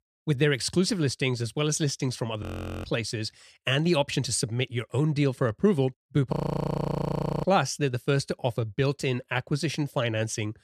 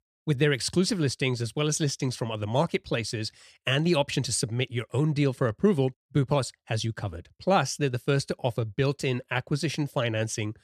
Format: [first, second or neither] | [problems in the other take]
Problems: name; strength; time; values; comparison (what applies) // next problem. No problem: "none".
second | audio freezing; at 2.5 s and at 6.5 s for 1 s